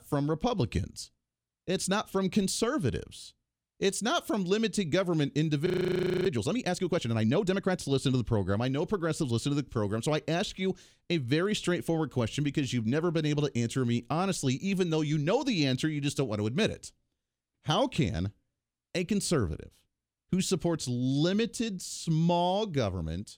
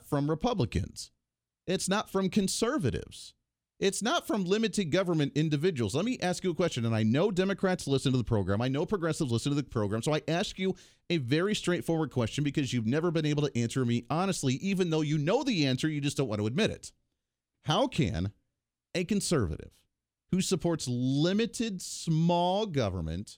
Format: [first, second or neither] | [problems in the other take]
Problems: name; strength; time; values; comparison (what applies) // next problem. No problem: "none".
second | audio freezing; at 5.5 s for 0.5 s